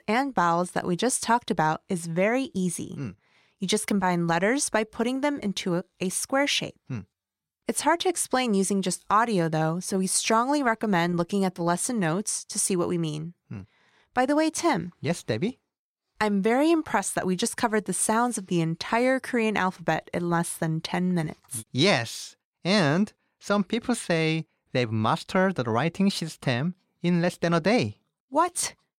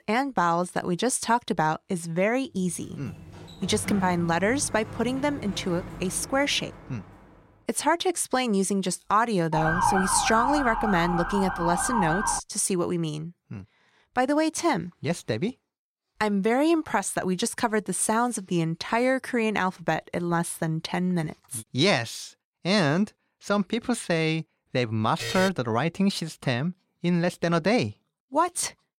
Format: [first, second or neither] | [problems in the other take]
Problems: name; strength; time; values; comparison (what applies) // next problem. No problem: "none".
first | door banging; noticeable; from 3 to 7 s; peak 7 dB below the speech // siren; loud; from 9.5 to 12 s; peak 2 dB above the speech // alarm; noticeable; at 25 s; peak 5 dB below the speech